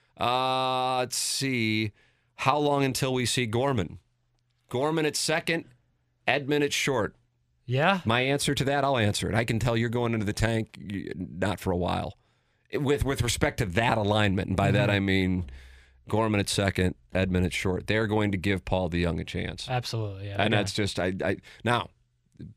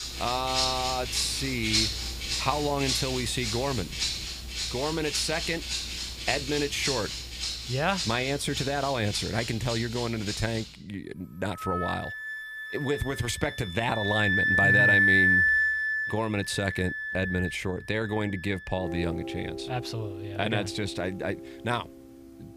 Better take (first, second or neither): first